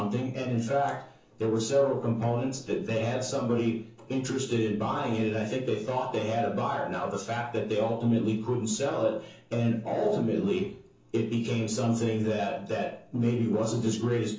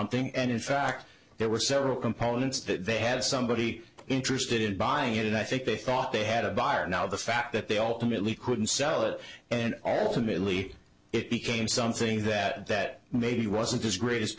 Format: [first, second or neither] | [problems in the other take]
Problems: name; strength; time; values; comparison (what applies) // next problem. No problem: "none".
second | room echo; dies away in 0.8 s